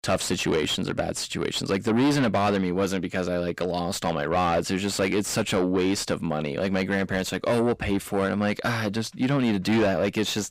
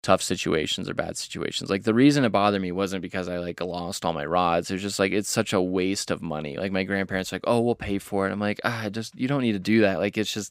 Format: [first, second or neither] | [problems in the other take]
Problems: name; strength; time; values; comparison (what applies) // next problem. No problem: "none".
second | distortion; heavy; 7 dB below the speech